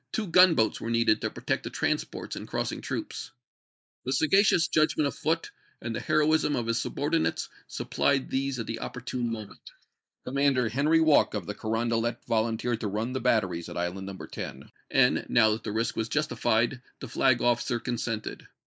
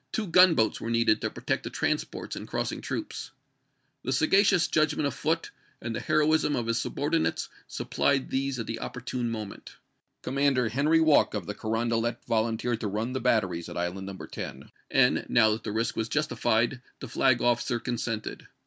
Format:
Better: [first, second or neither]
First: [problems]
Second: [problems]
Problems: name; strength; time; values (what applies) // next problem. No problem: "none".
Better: second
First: noise reduction (neural mask model Resemble Enhance denoiser)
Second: none